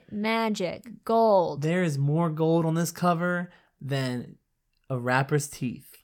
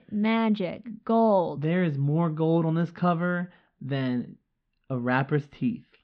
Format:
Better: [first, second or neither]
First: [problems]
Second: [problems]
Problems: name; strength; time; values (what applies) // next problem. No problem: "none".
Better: first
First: none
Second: muffled; slightly; fading above 3.5 kHz